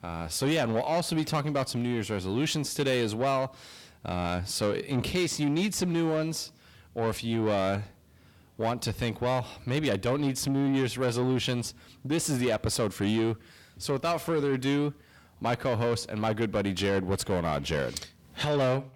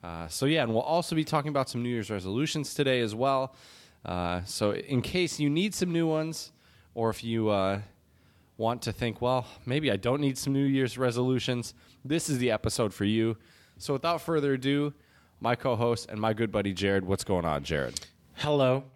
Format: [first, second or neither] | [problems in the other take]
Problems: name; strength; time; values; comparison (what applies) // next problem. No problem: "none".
second | distortion; slight; 10 dB below the speech